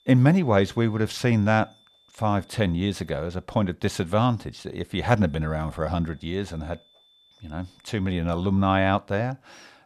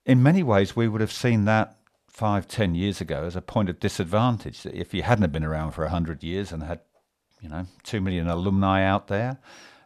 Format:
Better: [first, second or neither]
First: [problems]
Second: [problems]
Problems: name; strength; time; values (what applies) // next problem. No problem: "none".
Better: second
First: high-pitched whine; faint; until 3.5 s and from 5 to 8.5 s; 3.5 kHz, 35 dB below the speech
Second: none